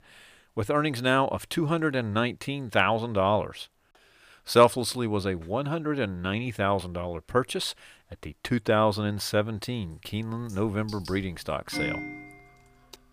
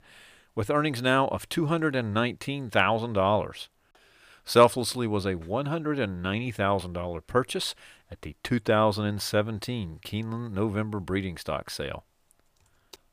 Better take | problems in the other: second | household noises; noticeable; from 10 s on; 10 dB below the speech

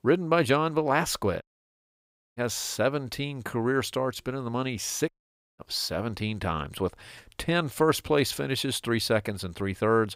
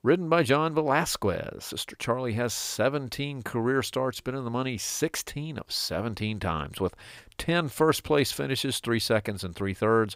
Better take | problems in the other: second | audio cutting out; at 1.5 s for 1 s and at 5 s

